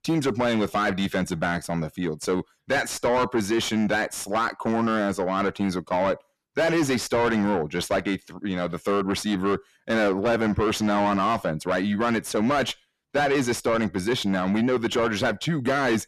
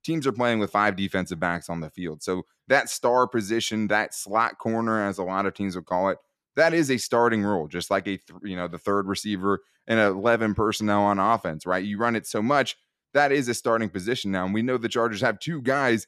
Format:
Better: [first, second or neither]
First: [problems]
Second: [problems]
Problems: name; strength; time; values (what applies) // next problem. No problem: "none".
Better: second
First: distortion; heavy; 6 dB below the speech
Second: none